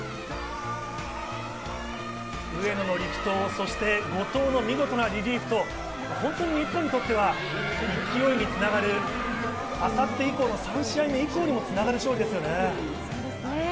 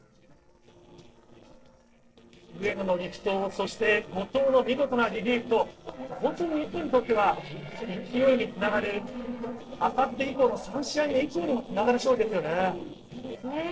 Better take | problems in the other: first | noise reduction (neural separator model SepFormer DNS4)

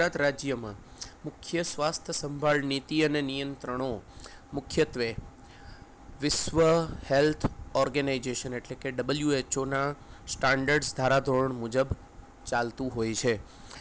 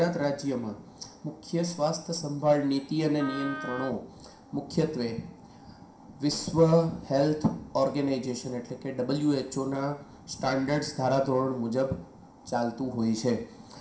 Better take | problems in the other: first | background sound (Wind instrument, woodwind instrument); 11 dB below the speech // room echo; dies away in 0.5 s

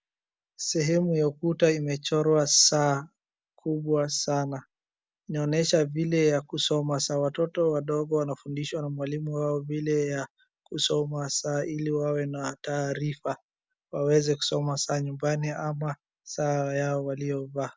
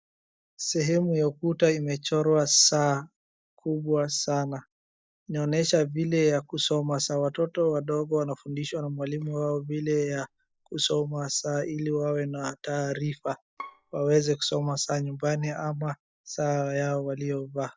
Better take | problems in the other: first | noise reduction (neural mask model DeepFilterNet 3)

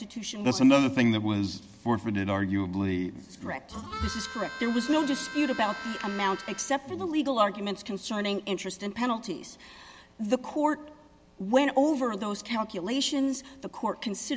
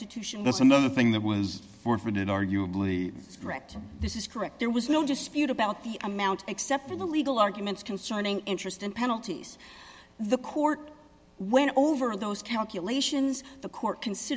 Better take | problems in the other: second | background sound (Harmonica); 11 dB below the speech

